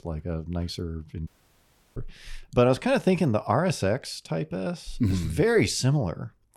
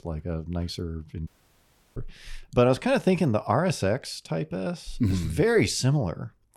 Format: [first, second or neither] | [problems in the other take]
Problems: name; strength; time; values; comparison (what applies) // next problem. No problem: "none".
neither | audio cutting out; at 1.5 s for 0.5 s; the same in both